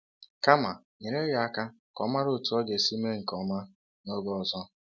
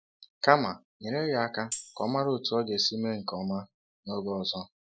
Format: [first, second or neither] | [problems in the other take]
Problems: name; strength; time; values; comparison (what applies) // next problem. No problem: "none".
first | noise reduction (classical method Wiener filter)